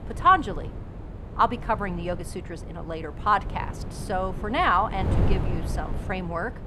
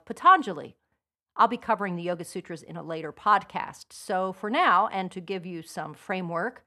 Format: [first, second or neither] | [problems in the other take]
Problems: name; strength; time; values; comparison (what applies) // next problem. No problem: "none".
second | wind noise on the microphone; occasional gusts; 20 dB below the speech